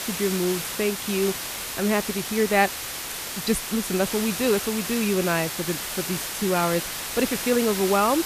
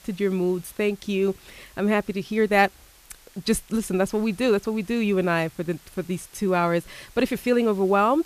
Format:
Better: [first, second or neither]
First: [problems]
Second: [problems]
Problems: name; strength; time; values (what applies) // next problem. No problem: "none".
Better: second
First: hiss; loud; throughout; 4 dB below the speech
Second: hiss; faint; throughout; 25 dB below the speech